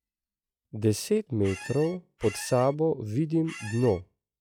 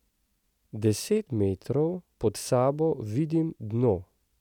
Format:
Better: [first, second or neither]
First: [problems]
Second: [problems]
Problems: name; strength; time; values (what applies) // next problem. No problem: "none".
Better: second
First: noise reduction (classical method log-MMSE)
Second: none